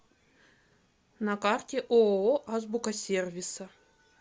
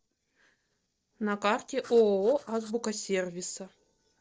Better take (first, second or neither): first